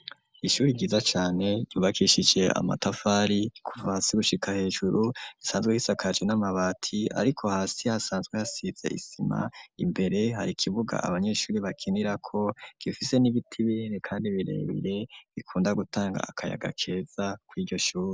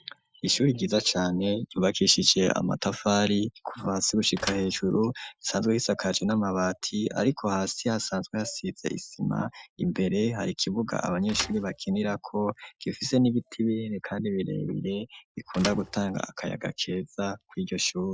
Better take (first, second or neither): first